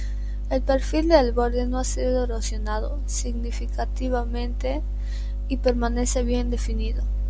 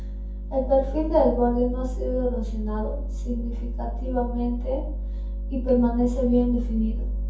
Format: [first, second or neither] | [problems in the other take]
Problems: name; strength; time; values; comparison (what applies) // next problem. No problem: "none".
first | room echo; dies away in 0.6 s